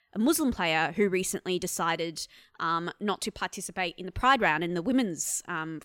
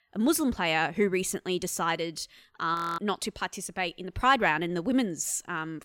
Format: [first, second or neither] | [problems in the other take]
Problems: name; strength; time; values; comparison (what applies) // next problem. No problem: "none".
first | audio freezing; at 3 s